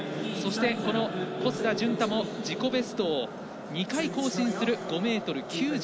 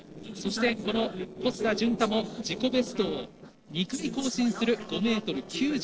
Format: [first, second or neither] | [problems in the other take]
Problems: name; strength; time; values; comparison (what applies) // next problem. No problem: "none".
first | noise reduction (neural separator model SepFormer DNS4)